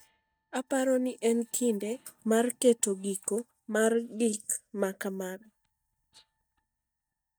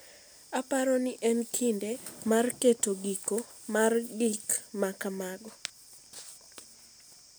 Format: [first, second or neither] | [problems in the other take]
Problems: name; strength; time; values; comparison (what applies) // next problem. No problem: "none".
second | noise reduction (neural mask model DeepFilterNet 3)